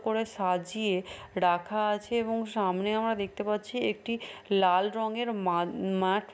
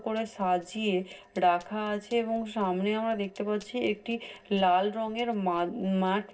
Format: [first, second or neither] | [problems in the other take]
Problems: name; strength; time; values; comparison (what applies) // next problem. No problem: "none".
first | noise reduction (neural separator model SepFormer DNS4)